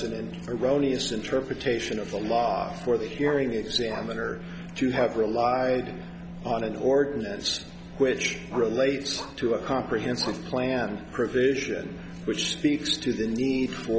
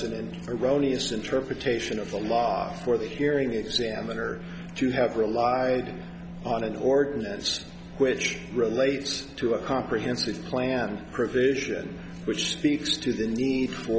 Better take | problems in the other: second | background sound (Bark); 18 dB below the speech

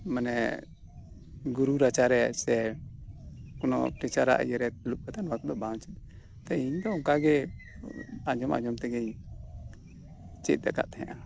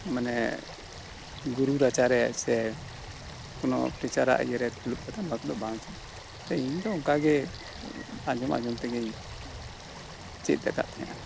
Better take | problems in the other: first | background sound (Stream / Frog); 15 dB below the speech

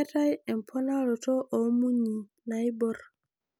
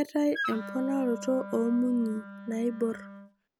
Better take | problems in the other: first | background sound (Wind instrument, woodwind instrument); 10 dB below the speech

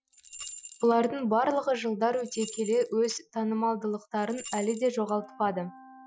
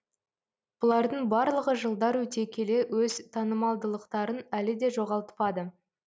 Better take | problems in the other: second | noise reduction (classical method Wiener filter)

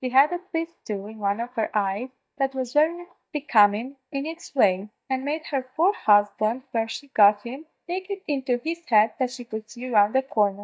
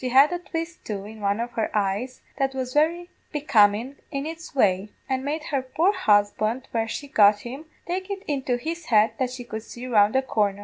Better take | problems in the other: second | noise reduction (neural mask model DeepFilterNet 3)

